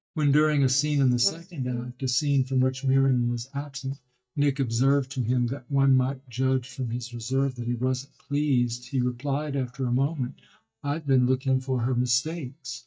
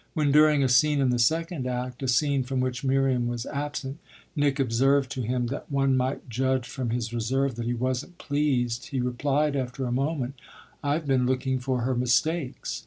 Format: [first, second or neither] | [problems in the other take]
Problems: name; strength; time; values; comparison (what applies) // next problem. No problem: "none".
second | noise reduction (neural mask model DeepFilterNet 3)